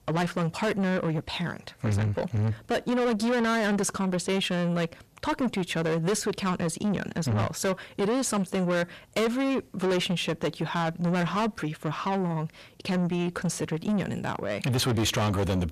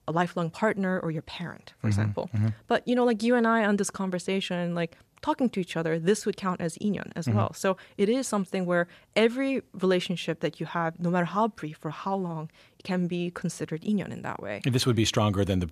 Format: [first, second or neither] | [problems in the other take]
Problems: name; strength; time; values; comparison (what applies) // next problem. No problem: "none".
second | distortion; heavy; 7 dB below the speech